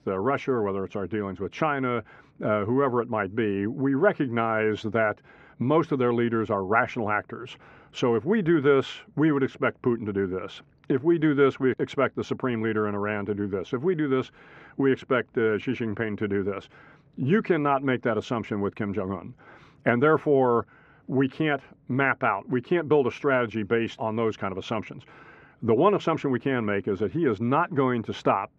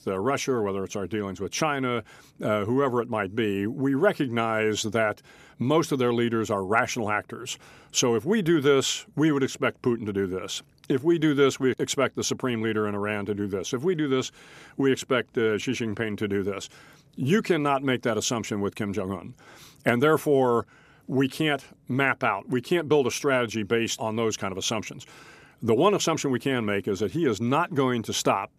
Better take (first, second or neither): second